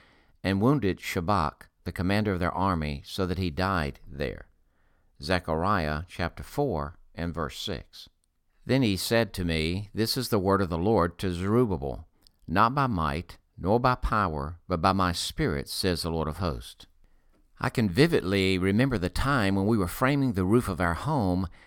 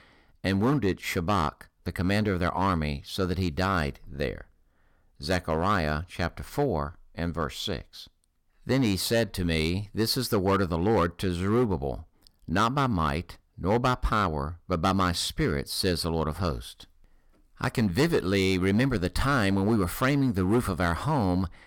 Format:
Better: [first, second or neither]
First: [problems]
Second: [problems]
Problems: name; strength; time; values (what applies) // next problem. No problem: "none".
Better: first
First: none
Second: distortion; slight; 4% of the sound clipped